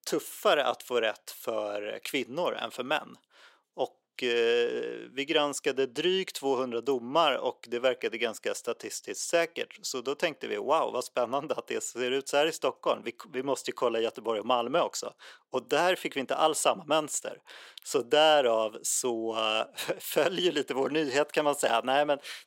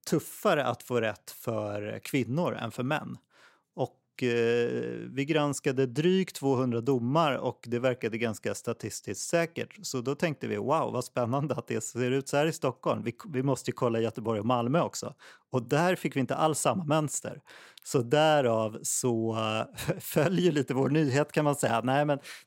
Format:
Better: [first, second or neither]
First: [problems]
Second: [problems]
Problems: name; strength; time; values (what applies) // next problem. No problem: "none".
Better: second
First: thin; somewhat; fading below 450 Hz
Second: none